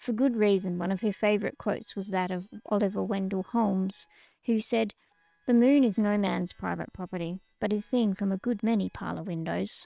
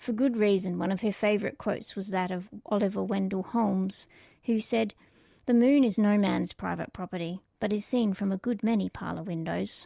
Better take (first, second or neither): second